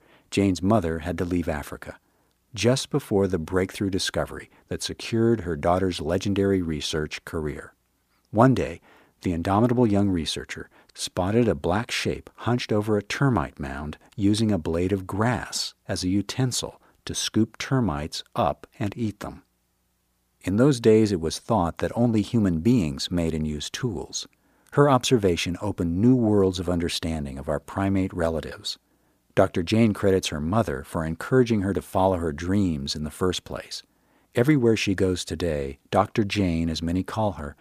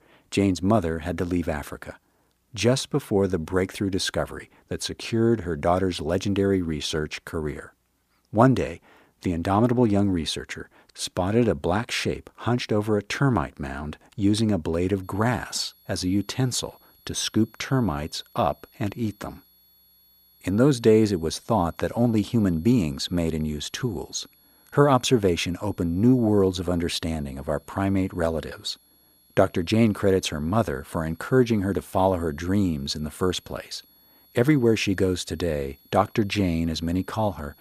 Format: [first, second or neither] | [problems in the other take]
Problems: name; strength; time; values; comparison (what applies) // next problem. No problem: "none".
first | high-pitched whine; faint; from 15 s on; 11.5 kHz, 30 dB below the speech